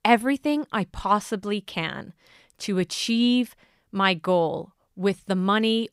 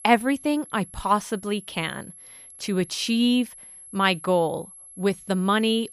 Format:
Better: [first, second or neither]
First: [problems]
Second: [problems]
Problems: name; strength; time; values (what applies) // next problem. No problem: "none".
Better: first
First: none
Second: high-pitched whine; noticeable; throughout; 11 kHz, 20 dB below the speech